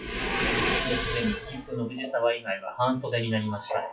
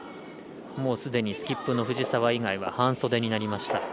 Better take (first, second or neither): second